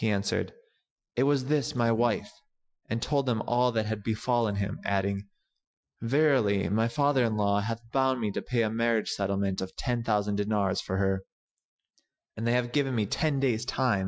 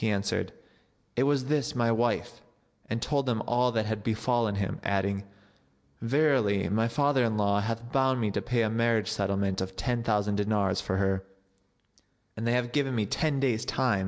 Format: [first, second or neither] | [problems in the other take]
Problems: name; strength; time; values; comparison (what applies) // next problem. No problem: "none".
second | noise reduction (classical method Wiener filter)